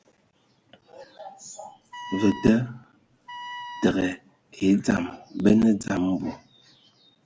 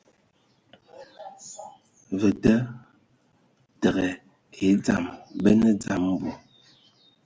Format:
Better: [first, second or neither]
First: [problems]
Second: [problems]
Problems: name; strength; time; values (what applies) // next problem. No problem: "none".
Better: second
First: background sound (Wind instrument, woodwind instrument); 14 dB below the speech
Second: none